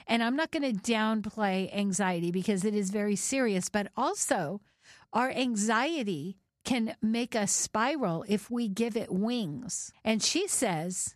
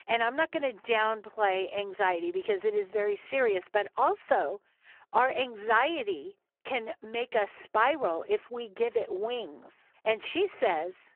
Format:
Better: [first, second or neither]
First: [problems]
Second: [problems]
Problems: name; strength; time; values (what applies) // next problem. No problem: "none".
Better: first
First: none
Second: phone-call audio; poor line